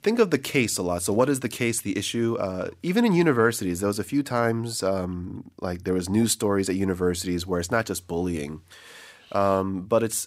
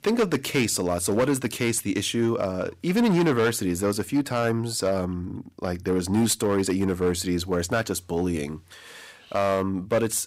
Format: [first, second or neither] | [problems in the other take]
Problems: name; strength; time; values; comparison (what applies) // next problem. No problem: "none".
first | distortion; slight; 6% of the sound clipped